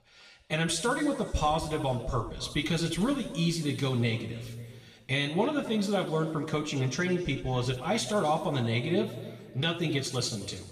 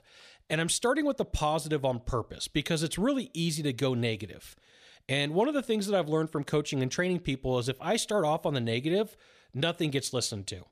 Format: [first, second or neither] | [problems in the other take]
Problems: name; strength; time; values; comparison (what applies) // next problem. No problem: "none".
second | room echo; noticeable; dies away in 1.9 s // off-mic speech; far